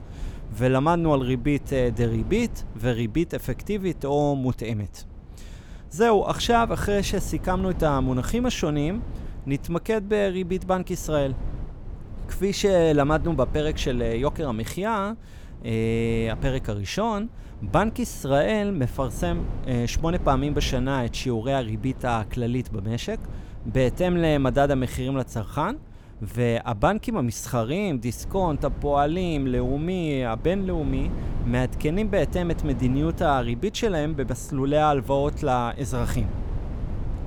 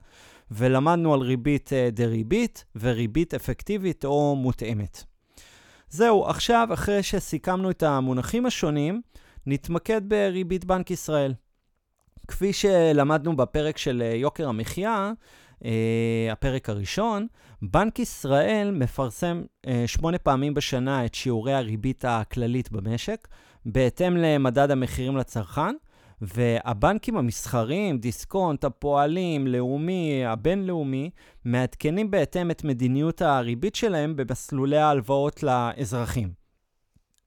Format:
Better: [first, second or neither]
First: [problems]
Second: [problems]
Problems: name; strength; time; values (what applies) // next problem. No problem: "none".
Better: second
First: wind noise on the microphone; occasional gusts; 20 dB below the speech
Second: none